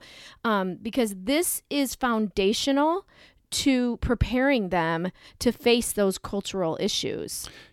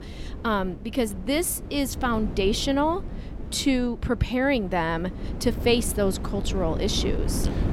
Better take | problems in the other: first | wind noise on the microphone; occasional gusts; 15 dB below the speech

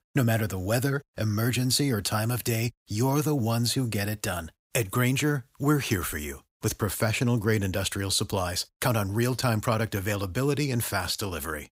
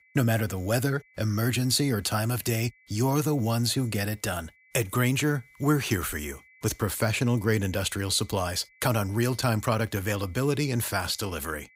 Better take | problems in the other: first | high-pitched whine; faint; throughout; 2 kHz, 30 dB below the speech

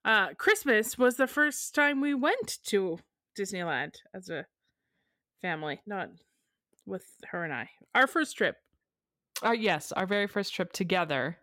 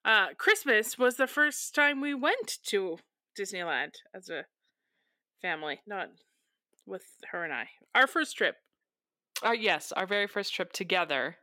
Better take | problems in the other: first | thin; very slightly; fading below 300 Hz

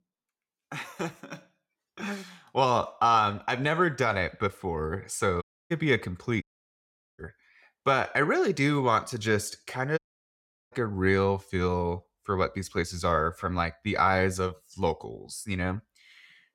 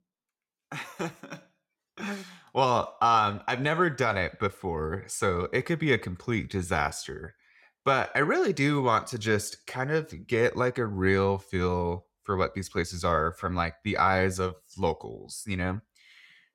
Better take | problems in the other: second | audio cutting out; at 5.5 s, at 6.5 s for 1 s and at 10 s for 0.5 s

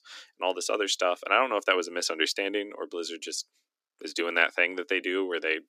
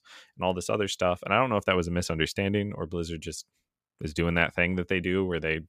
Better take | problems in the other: second | thin; somewhat; fading below 300 Hz

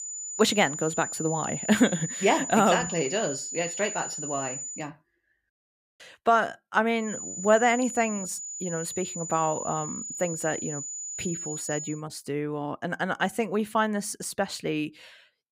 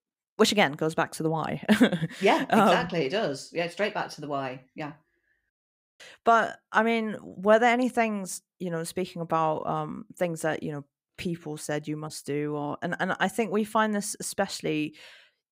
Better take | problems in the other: second | high-pitched whine; loud; until 5 s and from 7 to 12 s; 7 kHz, 6 dB below the speech

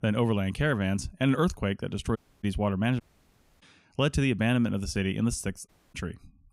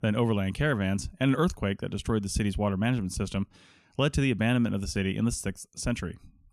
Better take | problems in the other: second | audio cutting out; at 2 s, at 3 s for 0.5 s and at 5.5 s

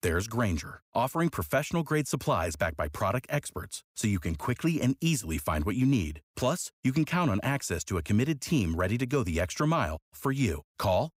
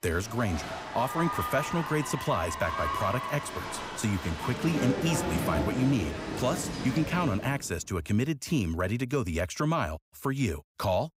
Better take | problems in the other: first | crowd noise; loud; until 7.5 s; 4 dB below the speech

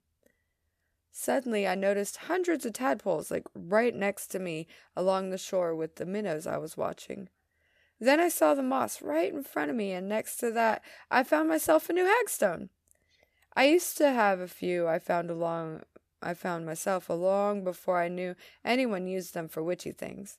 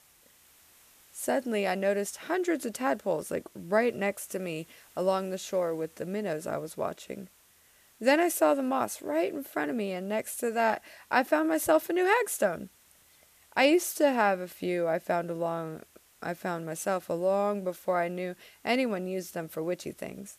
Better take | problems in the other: first | hiss; faint; throughout; 30 dB below the speech

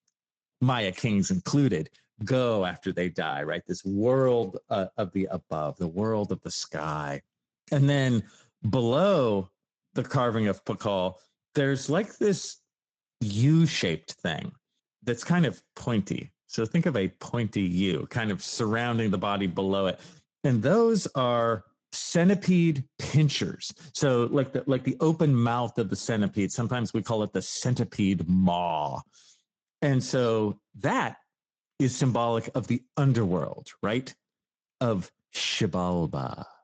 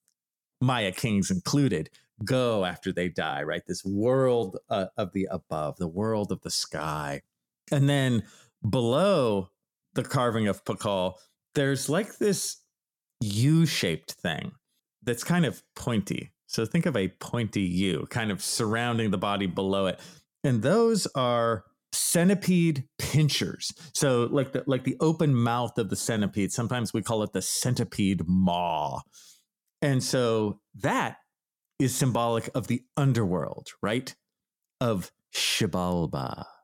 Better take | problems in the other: second | garbled, watery; slightly; nothing above 7.5 kHz

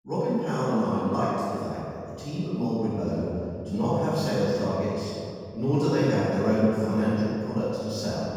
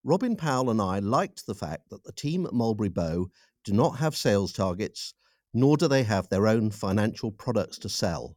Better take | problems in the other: second | off-mic speech; far // room echo; strong; dies away in 2.3 s

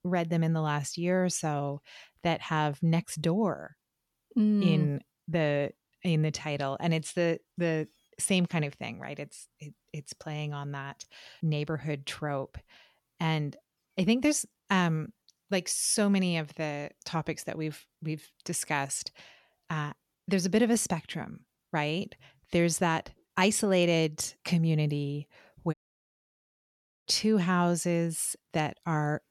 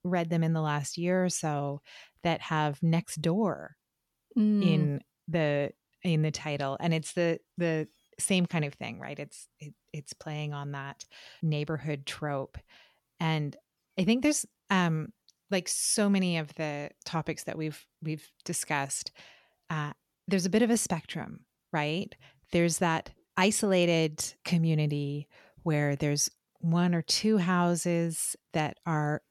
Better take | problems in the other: second | audio cutting out; at 26 s for 1.5 s

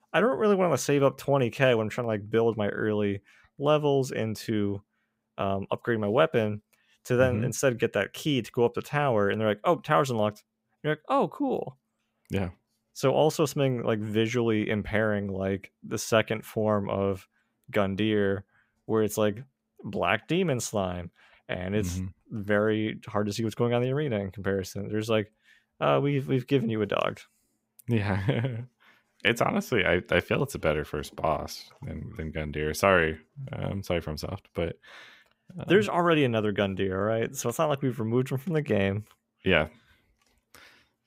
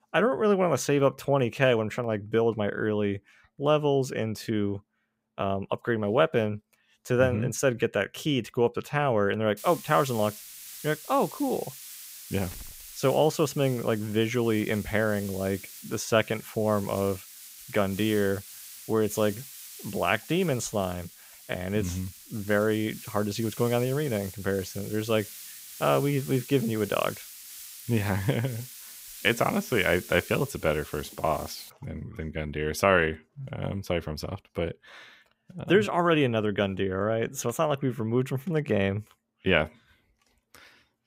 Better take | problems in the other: first | hiss; noticeable; from 9.5 to 32 s; 15 dB below the speech

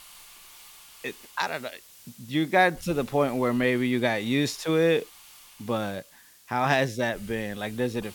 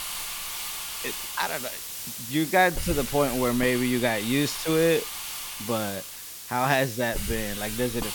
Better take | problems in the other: first | hiss; loud; throughout; 6 dB below the speech; faint in the first

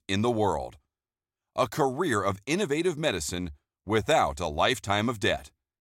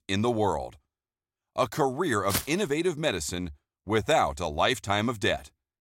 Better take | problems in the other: first | footsteps; noticeable; at 2.5 s; peak 3 dB below the speech

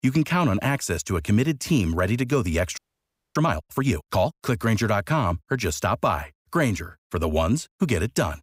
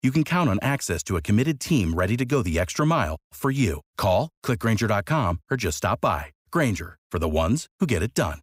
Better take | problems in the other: second | audio freezing; at 3 s for 0.5 s

